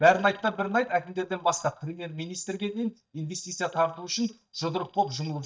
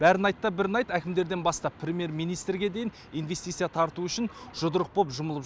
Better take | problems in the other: second | noise reduction (neural mask model DeepFilterNet 3)

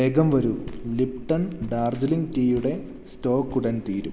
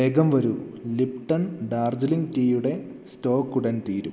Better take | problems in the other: second | background sound (Walk, footsteps); 15 dB below the speech

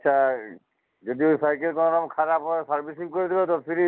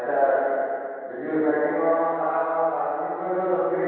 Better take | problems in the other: first | room echo; dies away in 2.2 s

